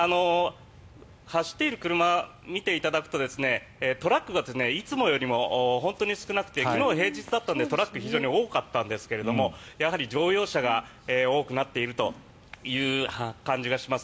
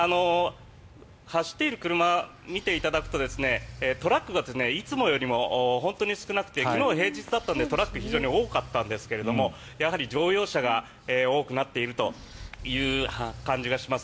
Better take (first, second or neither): first